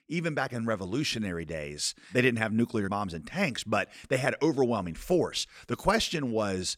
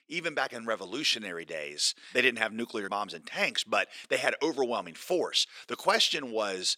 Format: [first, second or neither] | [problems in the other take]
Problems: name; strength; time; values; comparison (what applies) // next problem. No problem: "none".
first | thin; somewhat; fading below 400 Hz